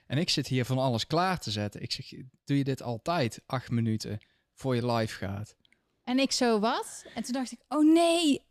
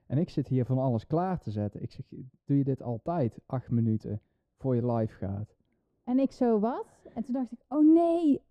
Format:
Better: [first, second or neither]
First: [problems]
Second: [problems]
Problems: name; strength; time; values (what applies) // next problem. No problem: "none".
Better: first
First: none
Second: muffled; very; fading above 1.5 kHz